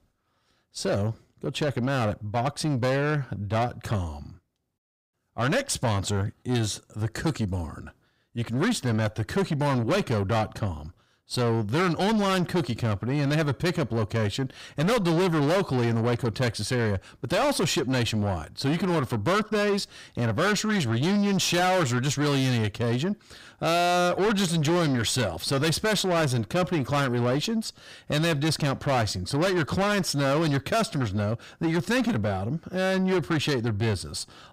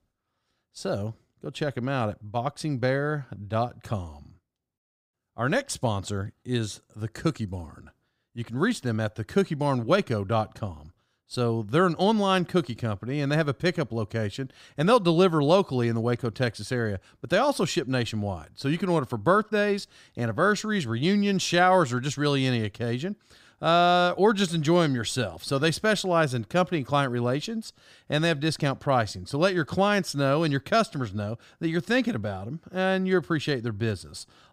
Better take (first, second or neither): second